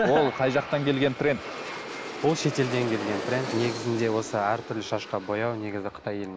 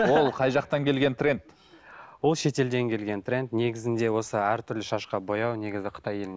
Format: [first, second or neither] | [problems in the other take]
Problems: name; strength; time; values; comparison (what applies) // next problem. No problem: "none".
second | background sound (Aircraft); 10 dB below the speech